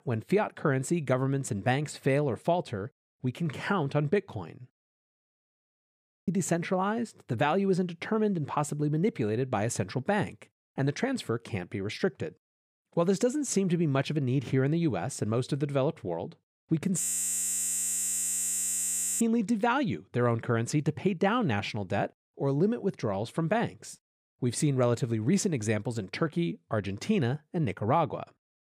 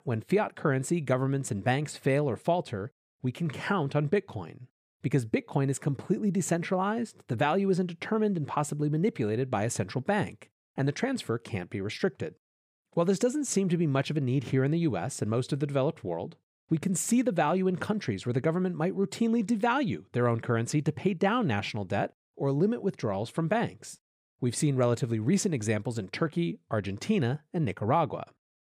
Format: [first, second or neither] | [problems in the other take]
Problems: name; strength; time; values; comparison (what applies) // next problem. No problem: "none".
second | audio freezing; at 5 s for 1.5 s and at 17 s for 2 s